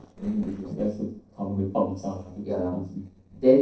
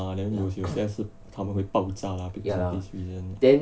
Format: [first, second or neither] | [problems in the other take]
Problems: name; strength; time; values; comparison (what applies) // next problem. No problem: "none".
second | noise reduction (neural separator model SepFormer DNS4)